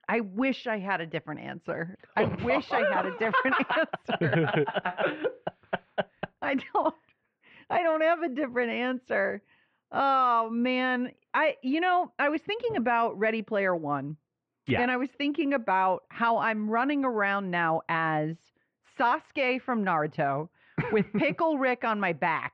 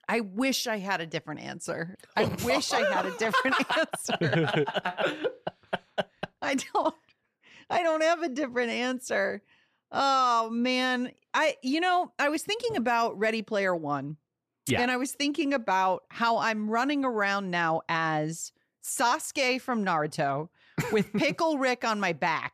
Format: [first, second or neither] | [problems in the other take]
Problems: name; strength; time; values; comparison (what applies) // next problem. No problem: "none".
second | muffled; very; fading above 3 kHz